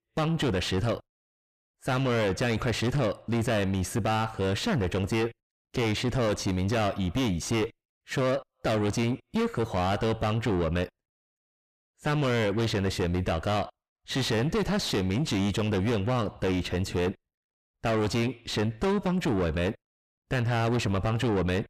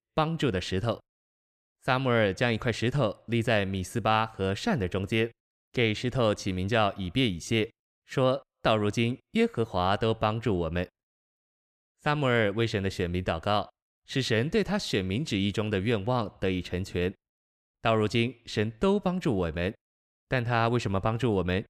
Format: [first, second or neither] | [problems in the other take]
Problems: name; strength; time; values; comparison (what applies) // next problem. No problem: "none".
second | distortion; heavy; 6 dB below the speech